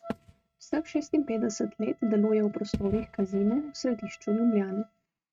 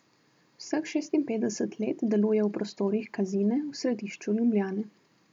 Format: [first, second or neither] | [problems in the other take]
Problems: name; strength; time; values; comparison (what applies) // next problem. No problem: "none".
second | noise reduction (neural mask model RNNoise)